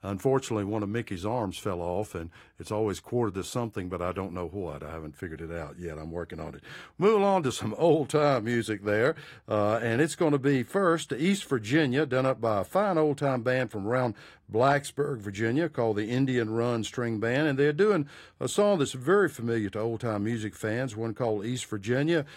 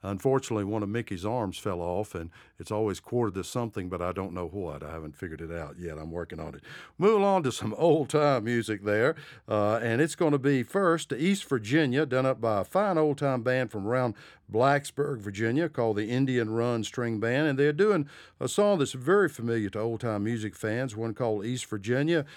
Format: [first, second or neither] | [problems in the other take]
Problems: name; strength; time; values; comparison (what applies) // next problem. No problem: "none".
second | garbled, watery; slightly; nothing above 15.5 kHz